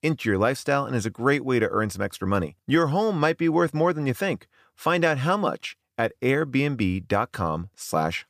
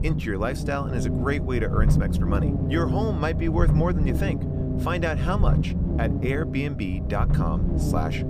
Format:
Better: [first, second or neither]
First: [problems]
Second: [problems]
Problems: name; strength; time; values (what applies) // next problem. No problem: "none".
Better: first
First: none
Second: low rumble; loud; throughout; 5 dB below the speech